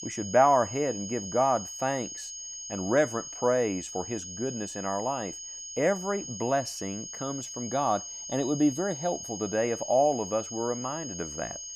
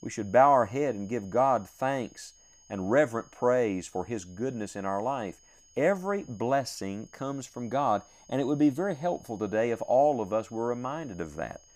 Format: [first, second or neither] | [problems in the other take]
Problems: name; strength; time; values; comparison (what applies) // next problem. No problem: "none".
second | high-pitched whine; loud; throughout; 6.5 kHz, 8 dB below the speech; faint in the second